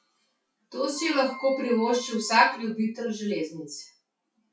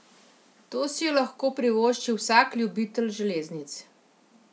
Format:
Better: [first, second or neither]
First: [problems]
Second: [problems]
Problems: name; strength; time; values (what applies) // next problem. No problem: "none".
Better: second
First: noise reduction (classical method WPE with log-MMSE)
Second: none